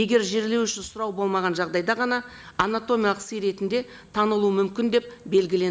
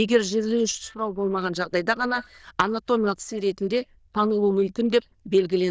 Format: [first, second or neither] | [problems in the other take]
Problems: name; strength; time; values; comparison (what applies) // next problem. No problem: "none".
first | noise reduction (neural diffusion model UNIVERSE++)